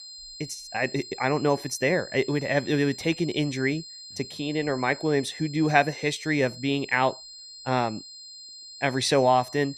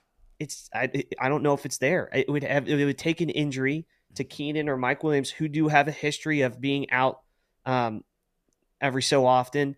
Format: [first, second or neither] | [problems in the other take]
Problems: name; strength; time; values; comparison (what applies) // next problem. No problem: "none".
second | high-pitched whine; noticeable; throughout; 4 kHz, 15 dB below the speech